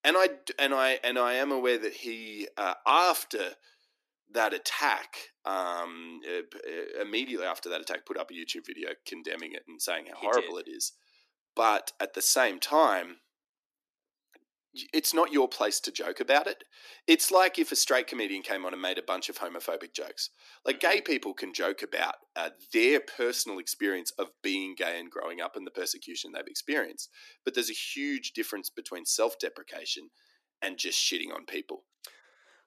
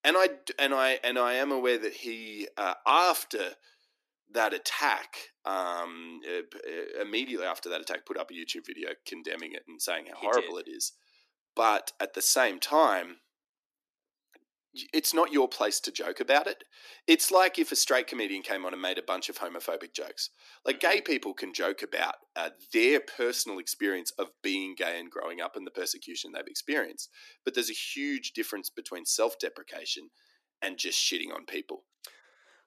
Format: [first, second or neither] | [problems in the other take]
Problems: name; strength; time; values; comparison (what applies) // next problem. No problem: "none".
neither | thin; very slightly; fading below 300 Hz; the same in both